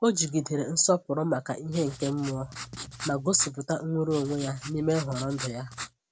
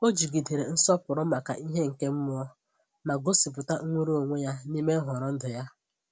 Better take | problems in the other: second | background sound (Writing); 12 dB below the speech

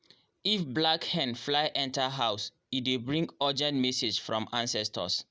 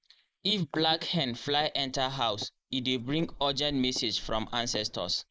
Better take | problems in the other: first | noise reduction (neural mask model Resemble Enhance denoiser)

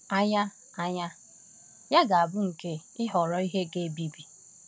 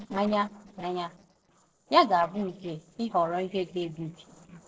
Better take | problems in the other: first | noise reduction (neural separator model SepFormer DNS4)

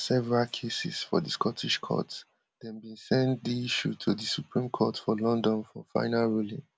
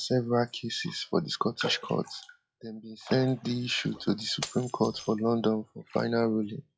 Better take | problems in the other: first | noise reduction (classical method log-MMSE)

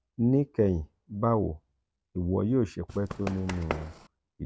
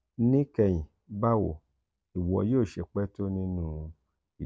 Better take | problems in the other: second | background sound (Run); 9 dB below the speech

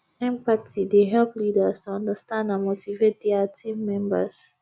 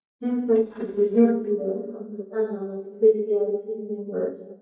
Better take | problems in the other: first | noise reduction (neural mask model DeepFilterNet 3)

